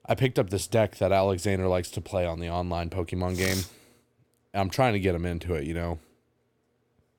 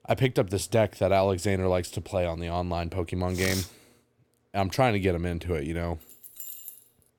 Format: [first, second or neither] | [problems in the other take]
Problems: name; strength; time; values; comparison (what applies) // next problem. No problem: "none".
first | jangling keys; faint; at 6 s; peak 10 dB below the speech